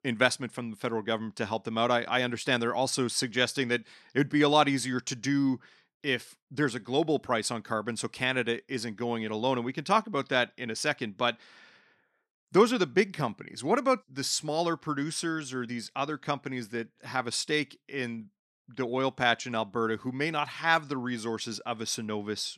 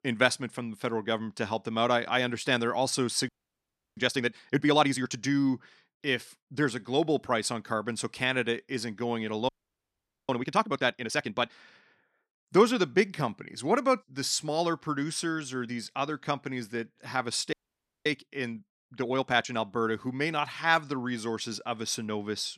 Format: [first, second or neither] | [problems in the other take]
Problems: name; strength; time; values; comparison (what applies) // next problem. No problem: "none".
first | audio freezing; at 3.5 s for 0.5 s, at 9.5 s for 1 s and at 18 s for 0.5 s